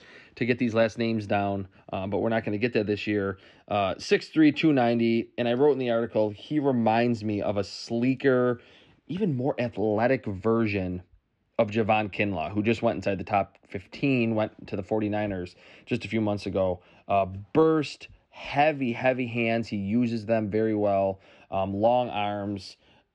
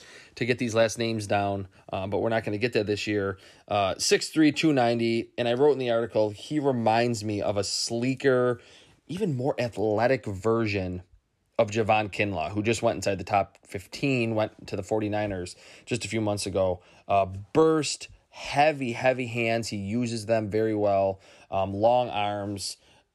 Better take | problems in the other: second | muffled; slightly; fading above 3 kHz

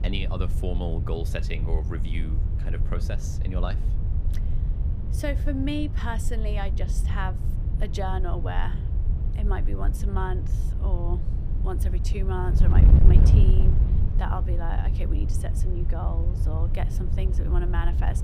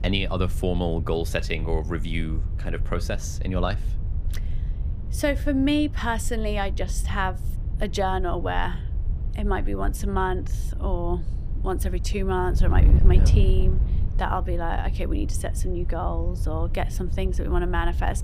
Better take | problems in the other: second | wind noise on the microphone; heavy; 5 dB below the speech; occasional gusts in the second

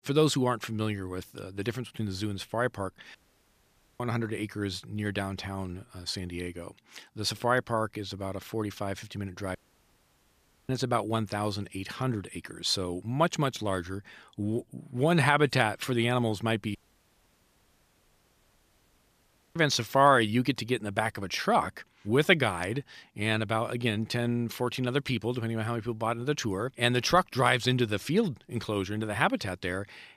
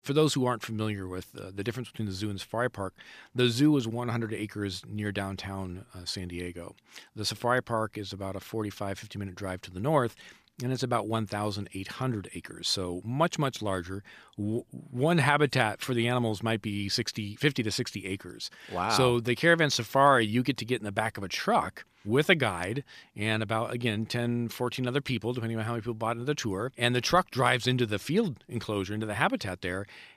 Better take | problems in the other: second | audio cutting out; at 3 s for 1 s, at 9.5 s for 1 s and at 17 s for 3 s

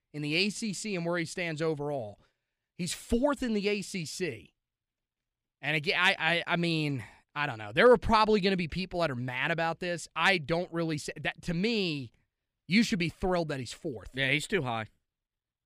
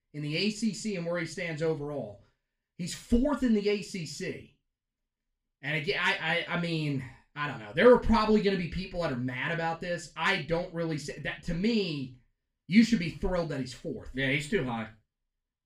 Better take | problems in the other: first | room echo; very slight; dies away in 0.3 s // off-mic speech; far

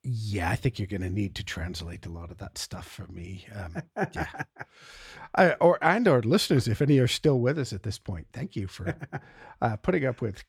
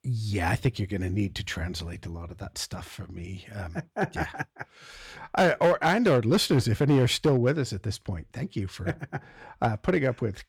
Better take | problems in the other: first | distortion; slight; 3% of the sound clipped

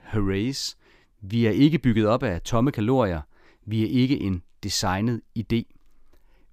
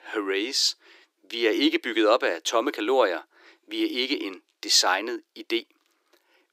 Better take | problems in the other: first | thin; very; fading below 300 Hz

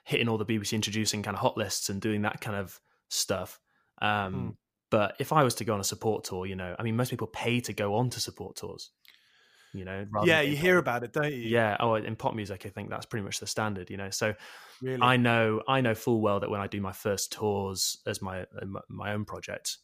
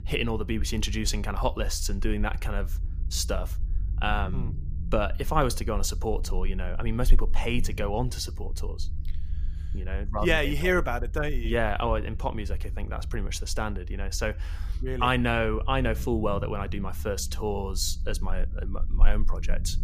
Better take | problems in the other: first | low rumble; faint; throughout; 25 dB below the speech

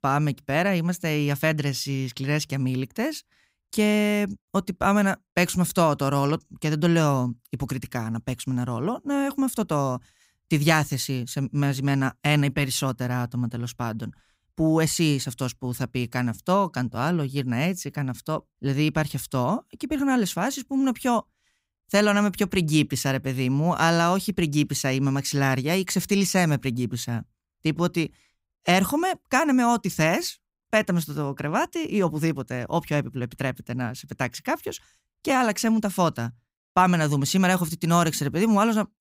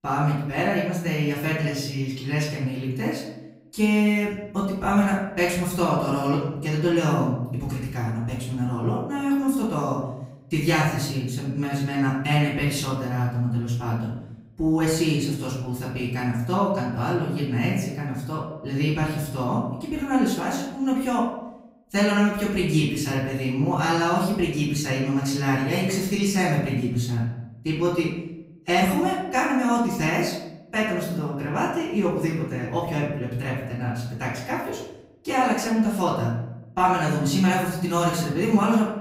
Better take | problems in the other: first | off-mic speech; far // room echo; noticeable; dies away in 0.8 s

